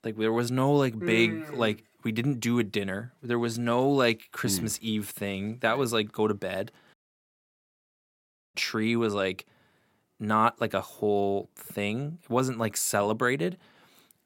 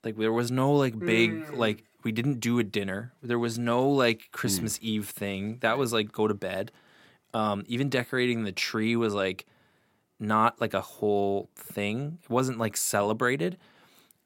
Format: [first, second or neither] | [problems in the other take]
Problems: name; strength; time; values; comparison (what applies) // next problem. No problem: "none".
second | audio cutting out; at 7 s for 1.5 s